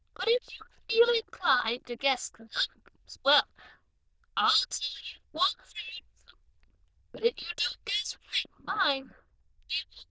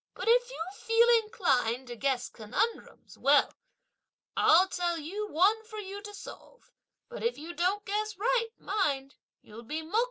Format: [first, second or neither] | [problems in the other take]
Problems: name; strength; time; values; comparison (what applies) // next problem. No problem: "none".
second | noise reduction (neural diffusion model UNIVERSE++)